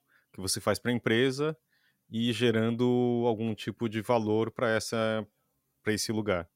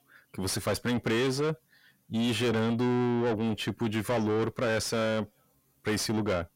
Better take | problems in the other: first | distortion; heavy; 7 dB below the speech

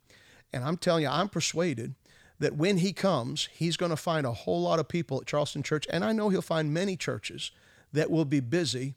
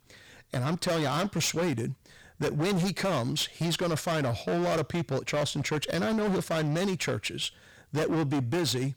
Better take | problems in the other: first | distortion; heavy; 23% of the sound clipped

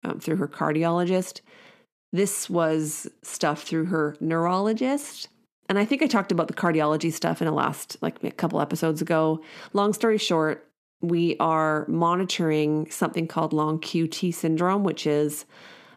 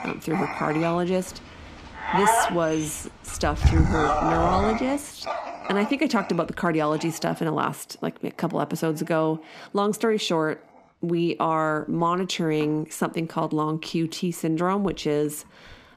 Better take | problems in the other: first | animal sounds; loud; throughout; 1 dB below the speech

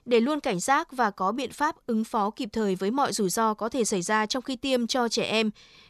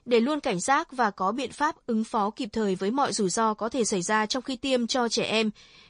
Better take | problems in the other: first | garbled, watery; slightly; nothing above 10 kHz

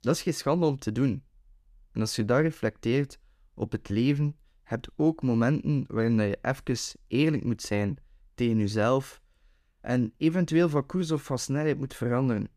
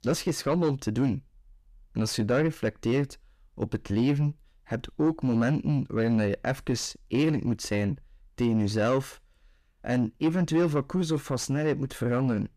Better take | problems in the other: first | distortion; slight; 10 dB below the speech

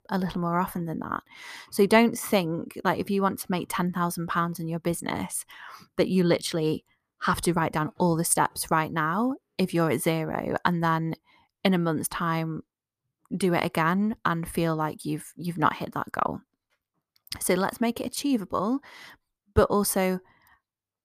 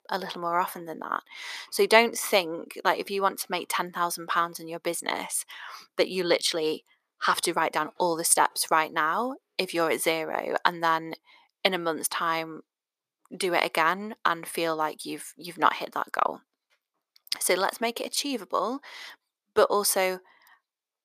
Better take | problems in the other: first | thin; somewhat; fading below 500 Hz

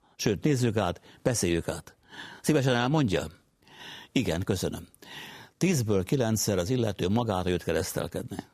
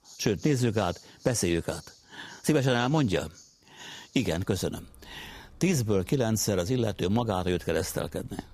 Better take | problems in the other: first | animal sounds; faint; throughout; 25 dB below the speech

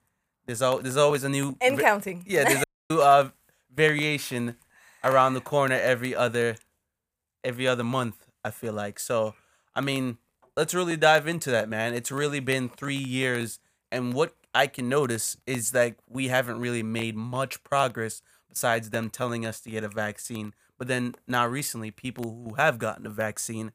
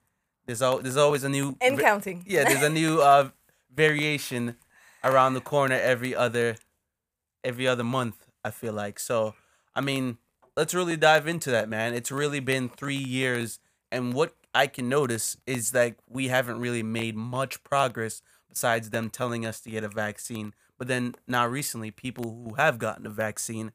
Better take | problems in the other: second | audio cutting out; at 2.5 s

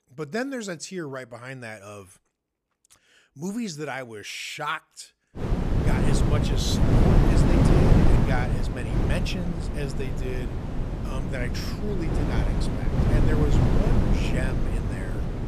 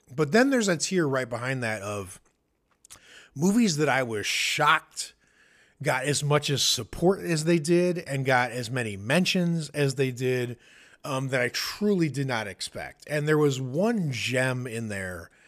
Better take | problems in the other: second | wind noise on the microphone; heavy; from 5.5 s on; 2 dB above the speech

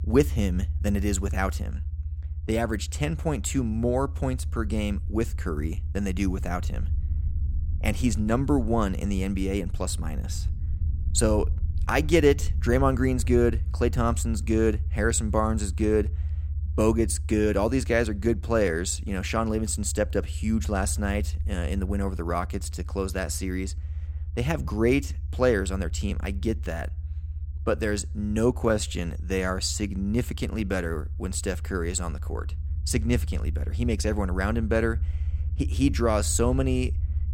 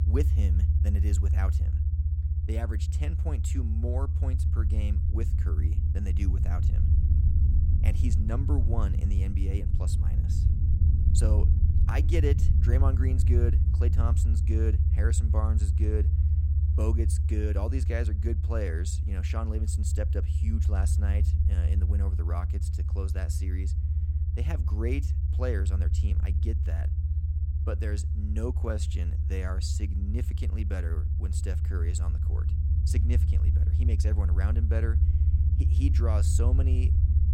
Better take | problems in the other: first | low rumble; loud; throughout; 3 dB below the speech; faint in the first

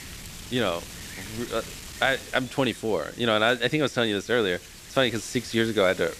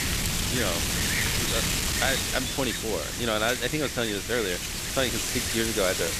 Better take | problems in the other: first | wind noise on the microphone; heavy; 1 dB above the speech; occasional gusts in the first

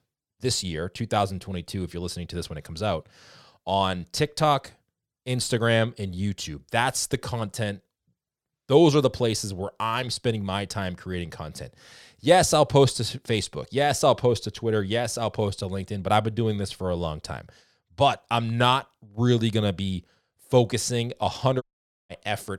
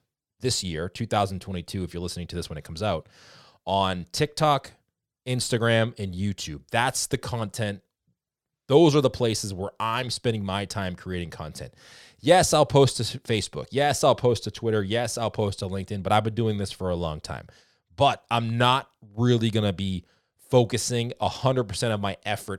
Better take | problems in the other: second | audio cutting out; at 22 s

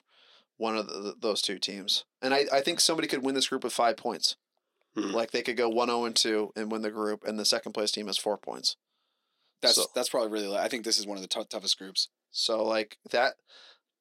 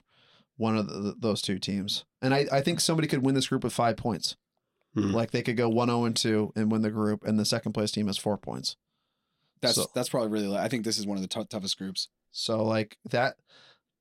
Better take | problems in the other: second | thin; somewhat; fading below 350 Hz

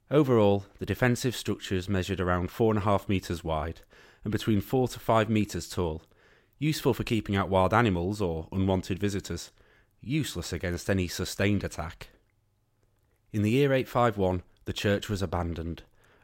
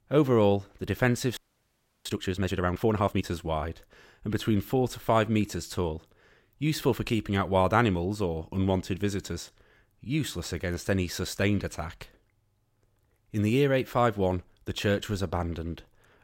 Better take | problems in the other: first | audio freezing; at 1.5 s for 0.5 s

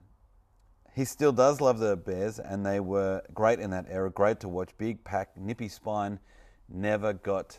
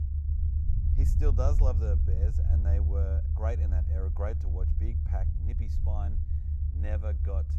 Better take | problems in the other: first | low rumble; loud; throughout; 4 dB below the speech

